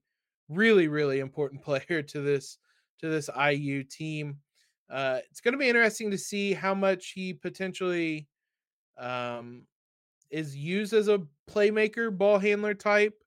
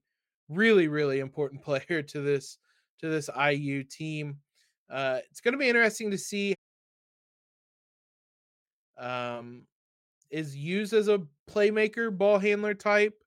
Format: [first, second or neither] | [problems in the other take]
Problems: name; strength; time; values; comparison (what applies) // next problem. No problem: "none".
first | audio cutting out; at 6.5 s for 2 s